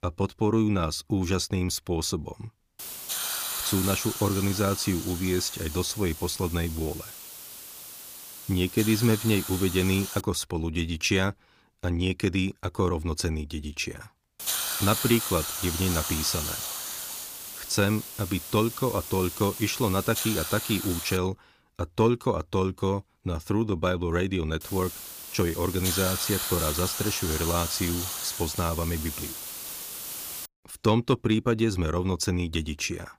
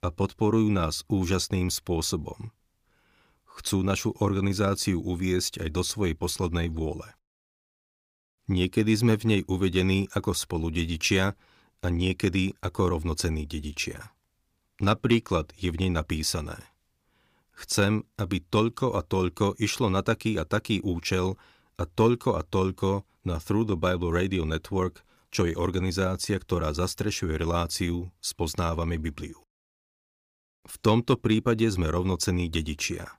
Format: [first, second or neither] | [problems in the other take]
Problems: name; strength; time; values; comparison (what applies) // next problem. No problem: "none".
second | hiss; loud; from 3 to 10 s, from 14 to 21 s and from 25 to 30 s; 5 dB below the speech